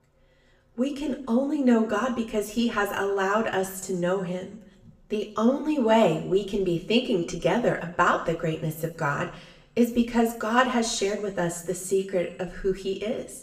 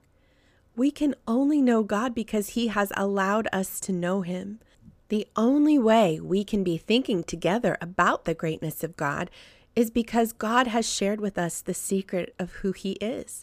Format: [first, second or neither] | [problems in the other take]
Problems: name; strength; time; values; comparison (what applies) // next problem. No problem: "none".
second | room echo; very slight; dies away in 0.6 s // off-mic speech; somewhat distant